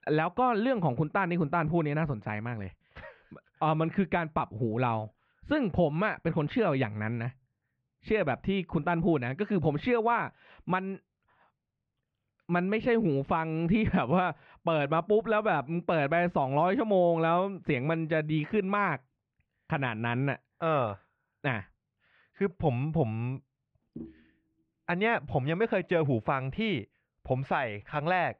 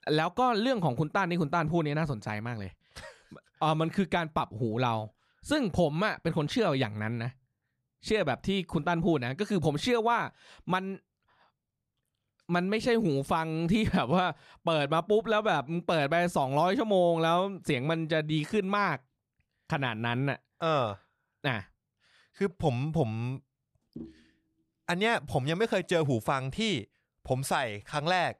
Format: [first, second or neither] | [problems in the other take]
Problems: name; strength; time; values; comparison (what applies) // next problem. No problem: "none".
second | muffled; very; fading above 2.5 kHz